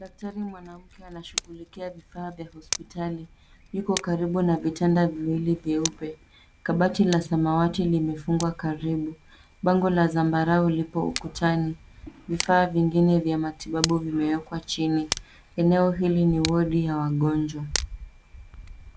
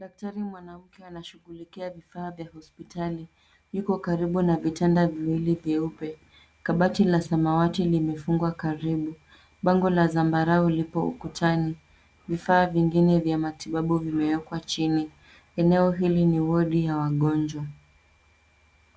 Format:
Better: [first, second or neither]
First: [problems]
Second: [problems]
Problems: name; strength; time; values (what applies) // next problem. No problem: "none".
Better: second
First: background sound (Tick); 14 dB below the speech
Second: none